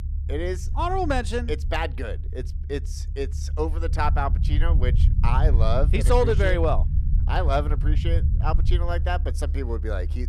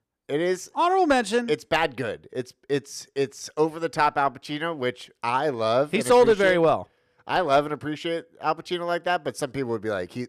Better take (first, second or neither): second